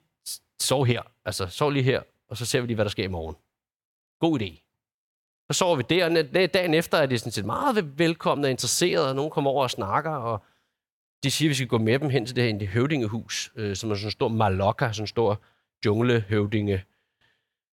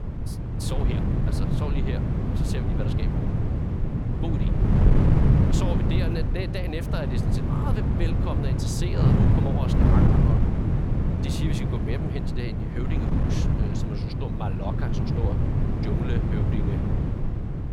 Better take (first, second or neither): first